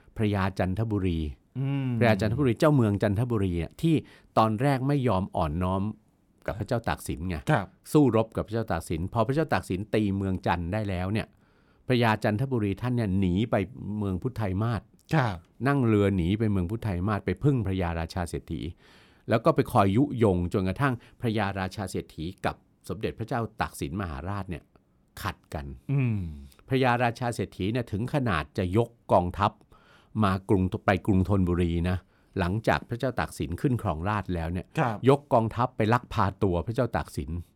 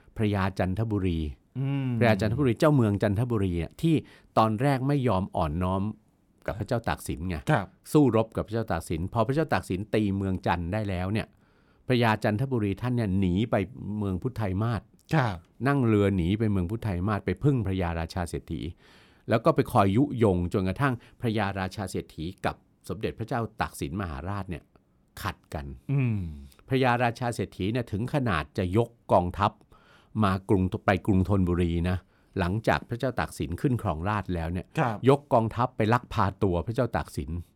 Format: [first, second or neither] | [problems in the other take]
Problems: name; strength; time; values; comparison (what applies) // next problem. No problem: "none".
neither | none